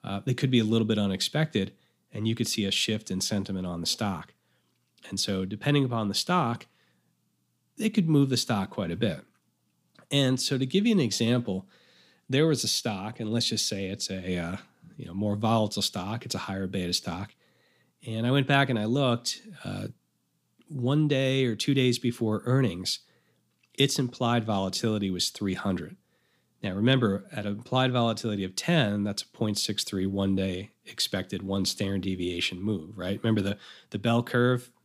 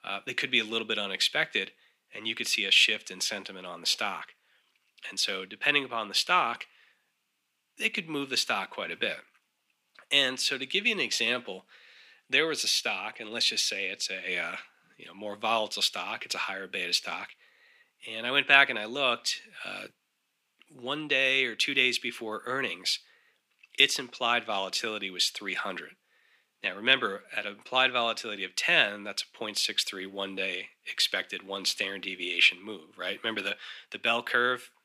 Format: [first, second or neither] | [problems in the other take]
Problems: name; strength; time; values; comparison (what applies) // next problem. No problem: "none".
first | thin; very; fading below 450 Hz